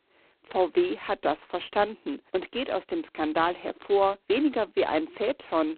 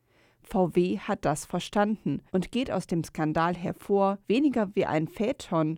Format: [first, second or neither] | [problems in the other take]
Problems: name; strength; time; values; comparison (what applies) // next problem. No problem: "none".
second | phone-call audio; poor line; nothing above 4 kHz